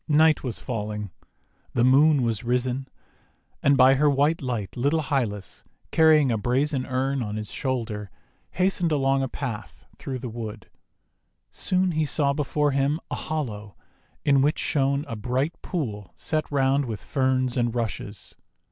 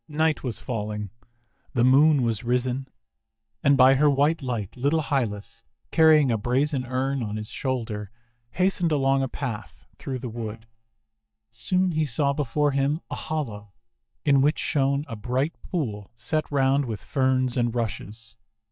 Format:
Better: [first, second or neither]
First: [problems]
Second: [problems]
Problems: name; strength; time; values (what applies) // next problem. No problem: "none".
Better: first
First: none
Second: noise reduction (neural mask model DeepFilterNet 3)